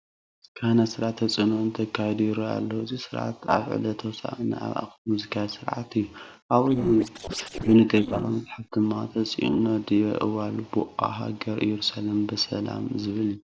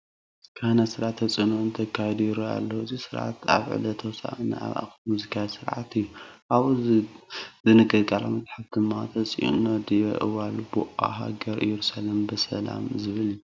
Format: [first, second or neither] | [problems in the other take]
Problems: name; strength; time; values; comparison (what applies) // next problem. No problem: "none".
second | noise reduction (neural separator model SepFormer DNS4)